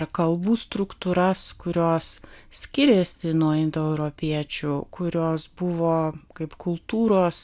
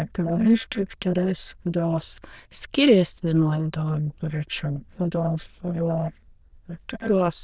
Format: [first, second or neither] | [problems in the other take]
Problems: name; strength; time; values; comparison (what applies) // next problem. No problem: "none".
first | noise reduction (neural diffusion model UNIVERSE++)